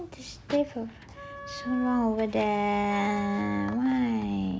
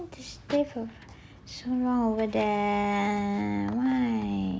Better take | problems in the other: second | background sound (Wind instrument, woodwind instrument); 15 dB below the speech

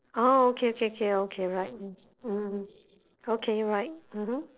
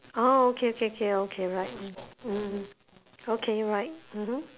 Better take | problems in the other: second | noise reduction (neural separator model SepFormer DNS4)

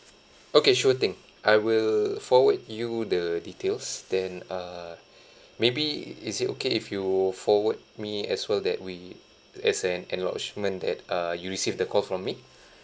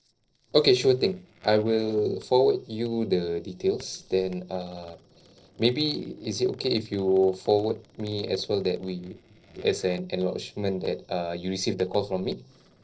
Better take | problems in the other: first | noise reduction (neural separator model SepFormer DNS4)

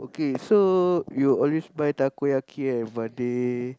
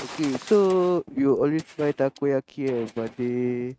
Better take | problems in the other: first | noise reduction (neural mask model RNNoise)

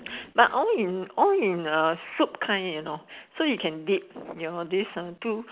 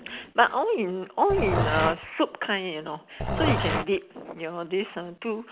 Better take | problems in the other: first | background sound (Growling); 1 dB below the speech

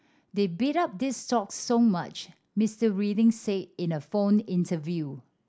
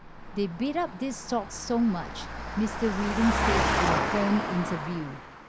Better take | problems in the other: first | background sound (Engine); 1 dB below the speech

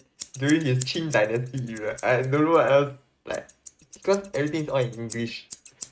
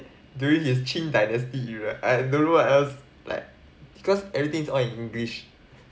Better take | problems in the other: second | noise reduction (neural mask model RNNoise)

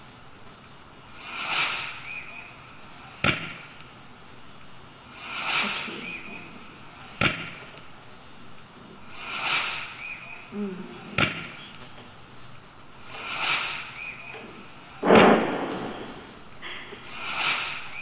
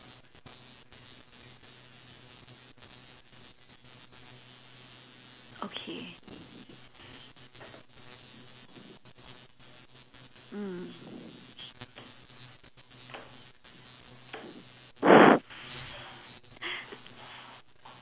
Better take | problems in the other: second | background sound (Fireworks); 2 dB below the speech // room echo; dies away in 2.2 s

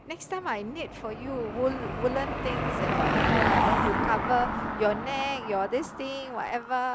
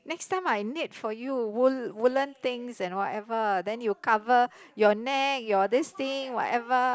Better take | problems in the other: second | background sound (Car passing by / Engine); 1 dB above the speech

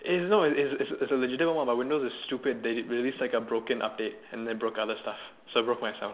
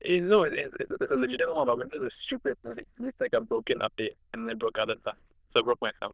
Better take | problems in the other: first | noise reduction (neural diffusion model UNIVERSE++)

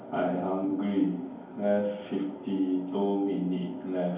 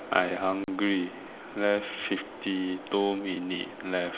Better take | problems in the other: second | room echo; dies away in 0.9 s

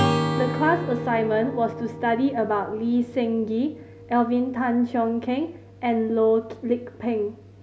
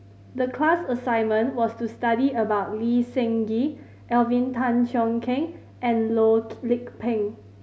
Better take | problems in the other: second | background sound (Acoustic guitar / Strum); 7 dB below the speech

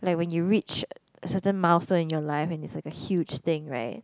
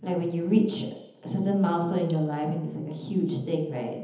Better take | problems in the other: first | room echo; dies away in 1.3 s

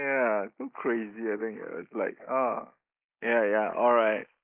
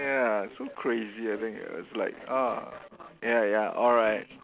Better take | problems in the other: second | noise reduction (neural mask model Resemble Enhance denoiser)

